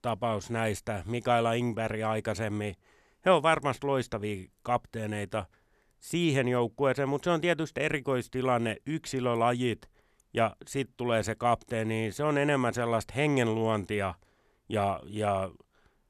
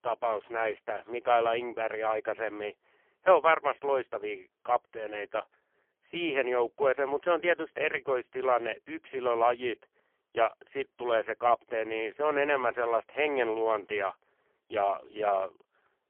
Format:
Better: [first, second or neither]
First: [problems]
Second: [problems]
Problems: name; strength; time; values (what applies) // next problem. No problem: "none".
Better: first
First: none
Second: phone-call audio; poor line; nothing above 3 kHz